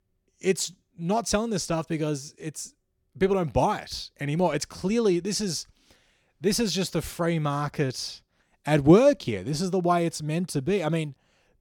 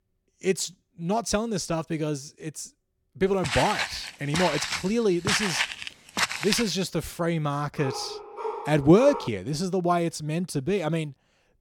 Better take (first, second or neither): first